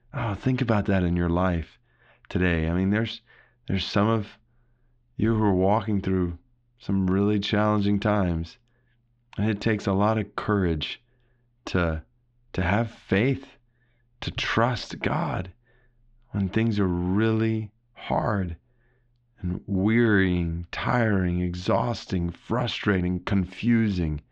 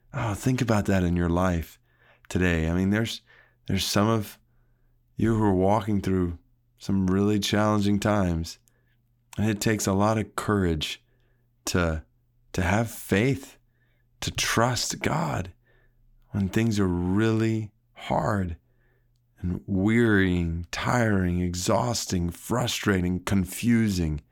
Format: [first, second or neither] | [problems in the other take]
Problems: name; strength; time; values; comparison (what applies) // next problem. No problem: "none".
second | muffled; slightly; fading above 4 kHz